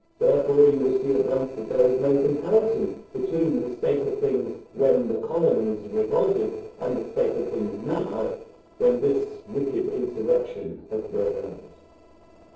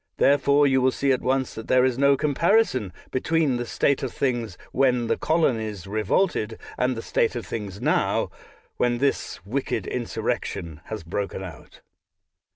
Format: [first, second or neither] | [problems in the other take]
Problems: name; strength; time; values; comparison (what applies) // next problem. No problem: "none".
second | noise reduction (neural separator model SepFormer DNS4)